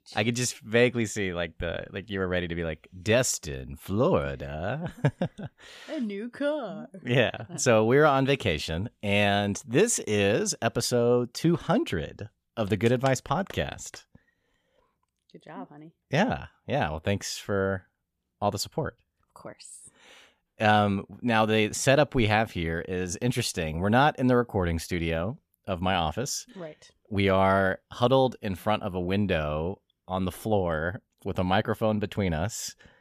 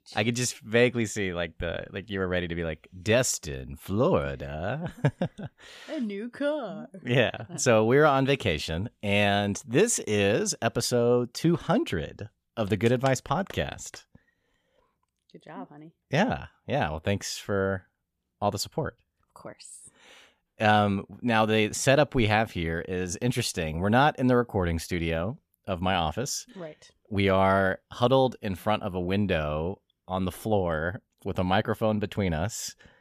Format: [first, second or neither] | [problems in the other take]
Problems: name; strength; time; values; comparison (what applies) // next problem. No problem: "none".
neither | none